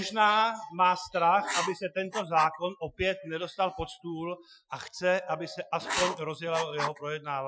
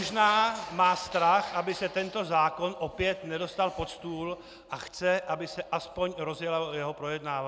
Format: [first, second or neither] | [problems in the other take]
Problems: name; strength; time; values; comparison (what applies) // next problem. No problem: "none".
second | noise reduction (classical method Wiener filter)